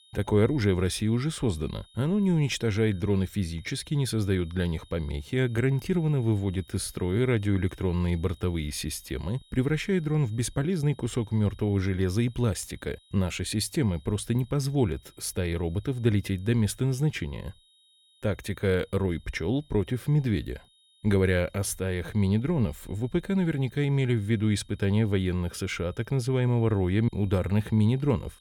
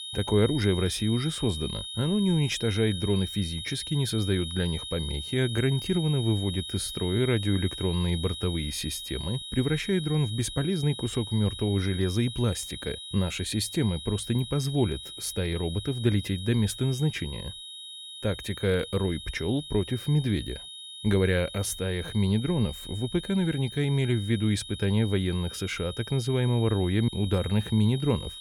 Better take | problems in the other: first | high-pitched whine; loud; throughout; 3.5 kHz, 9 dB below the speech; faint in the first

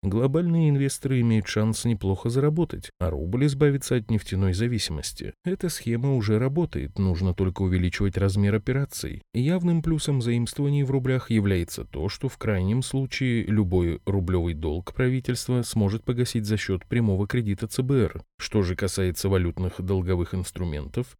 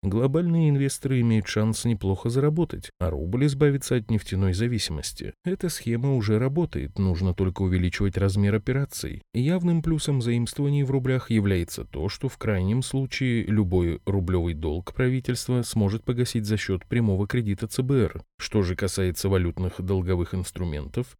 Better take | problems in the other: neither | none

